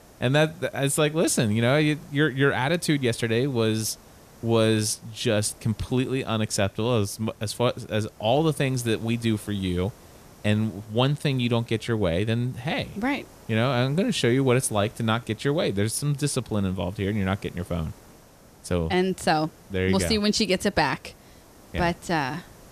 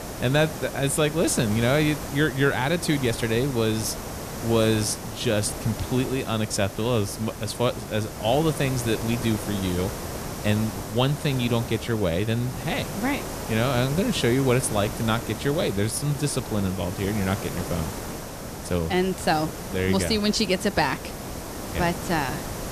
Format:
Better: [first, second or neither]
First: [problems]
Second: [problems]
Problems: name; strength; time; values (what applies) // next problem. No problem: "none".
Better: first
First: hiss; faint; throughout; 25 dB below the speech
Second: hiss; loud; throughout; 9 dB below the speech